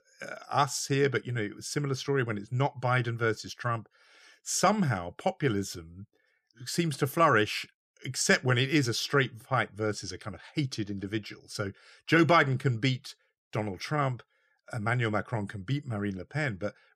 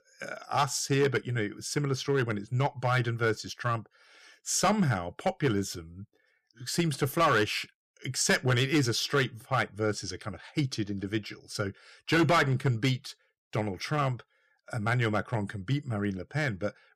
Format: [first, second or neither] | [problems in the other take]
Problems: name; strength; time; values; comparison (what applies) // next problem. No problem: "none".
first | distortion; slight; 3% of the sound clipped